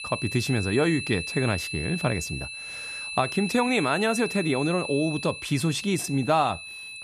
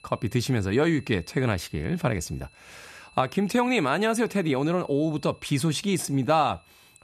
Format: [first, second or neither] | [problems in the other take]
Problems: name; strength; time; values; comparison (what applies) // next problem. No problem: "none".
second | high-pitched whine; loud; throughout; 2.5 kHz, 7 dB below the speech; faint in the second